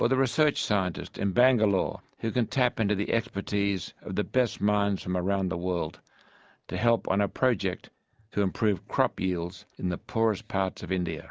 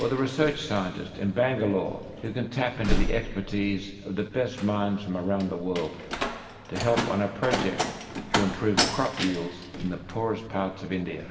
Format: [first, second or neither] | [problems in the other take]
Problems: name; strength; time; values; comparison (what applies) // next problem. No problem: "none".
first | background sound (Slam); 4 dB below the speech // room echo; dies away in 2 s